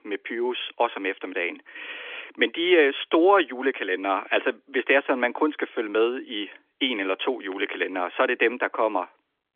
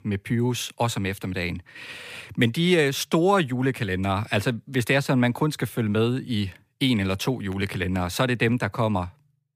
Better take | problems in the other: second | phone-call audio; nothing above 3.5 kHz

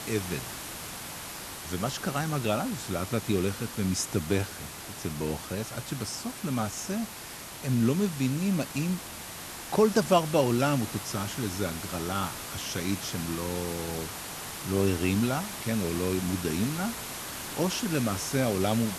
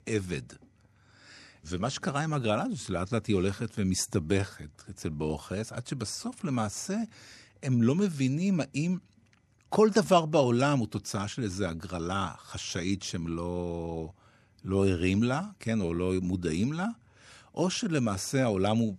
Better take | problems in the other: second | hiss; loud; throughout; 7 dB below the speech

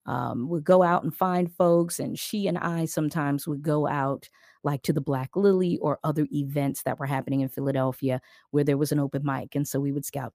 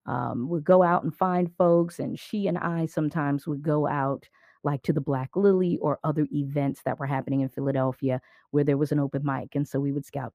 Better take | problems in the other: first | muffled; slightly; fading above 3.5 kHz

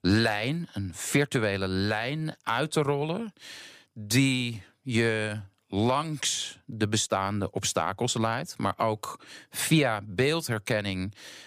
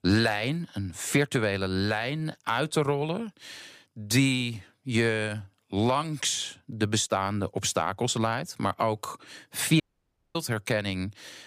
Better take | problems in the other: first | audio cutting out; at 10 s for 0.5 s

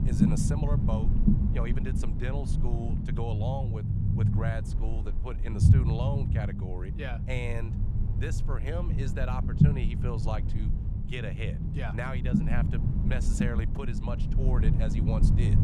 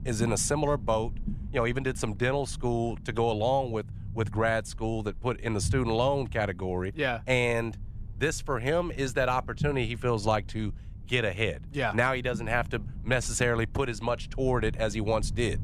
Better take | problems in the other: second | low rumble; loud; throughout; as loud as the speech; faint in the second

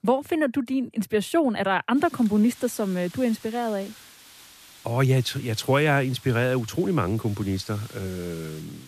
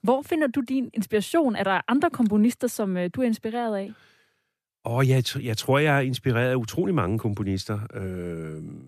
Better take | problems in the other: second | hiss; faint; from 2 s on; 20 dB below the speech

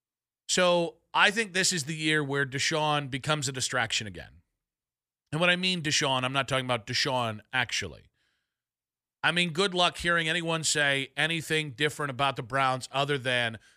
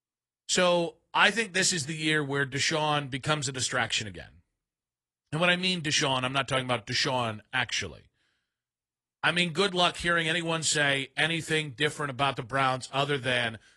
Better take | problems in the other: first | garbled, watery; slightly

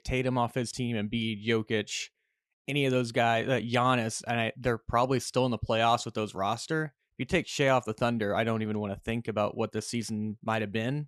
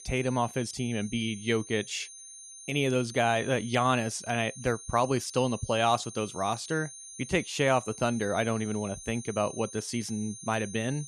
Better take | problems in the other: first | high-pitched whine; noticeable; throughout; 6.5 kHz, 15 dB below the speech

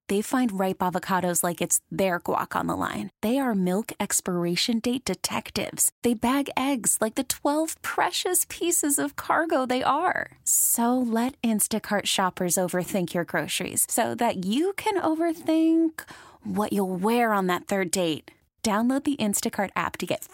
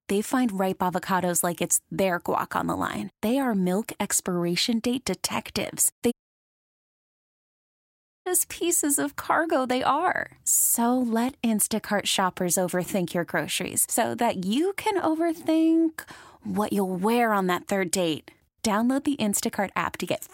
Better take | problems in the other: first | audio cutting out; at 6 s for 2 s

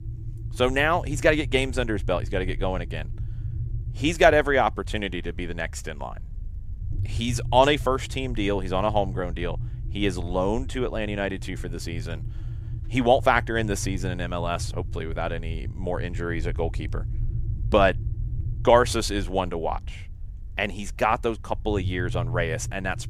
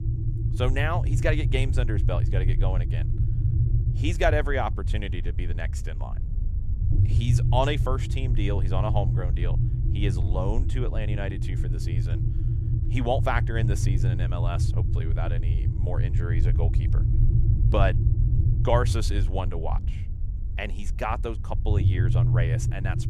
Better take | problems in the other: first | low rumble; loud; throughout; 9 dB below the speech; faint in the first

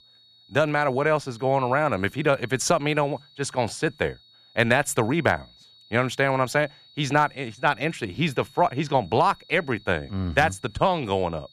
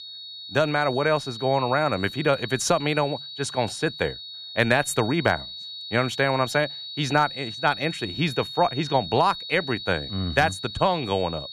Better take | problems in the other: first | high-pitched whine; loud; throughout; 4 kHz, 10 dB below the speech; faint in the first

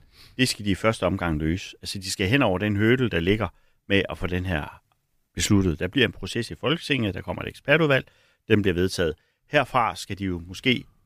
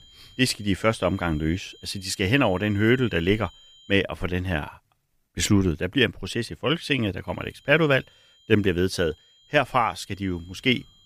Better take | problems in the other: first | high-pitched whine; faint; until 4 s and from 7.5 s on; 3 kHz, 25 dB below the speech

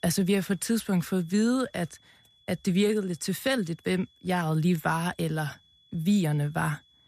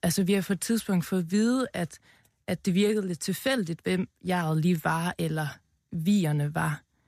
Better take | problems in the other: second | high-pitched whine; faint; throughout; 3.5 kHz, 30 dB below the speech

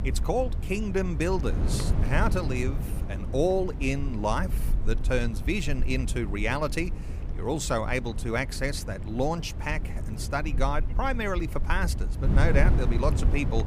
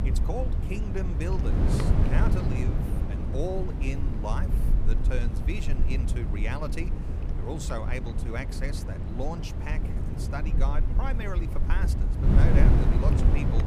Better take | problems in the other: first | wind noise on the microphone; heavy; 1 dB below the speech; occasional gusts in the first

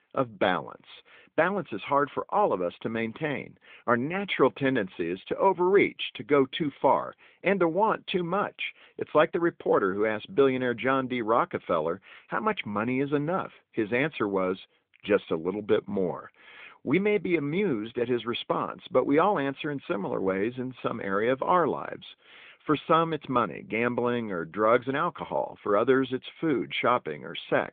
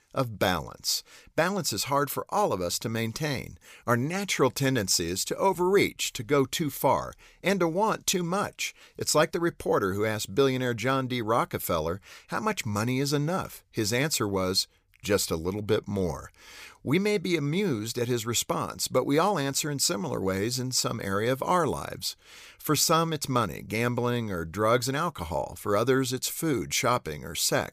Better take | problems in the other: second | phone-call audio; nothing above 3.5 kHz

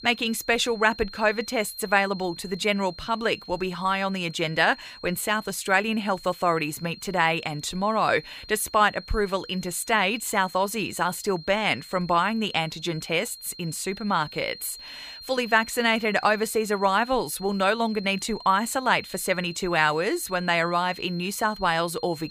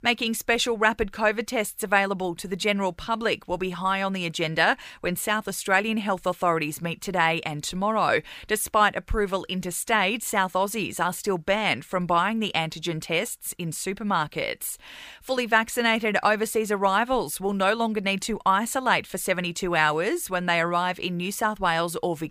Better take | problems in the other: second | high-pitched whine; noticeable; throughout; 4 kHz, 15 dB below the speech

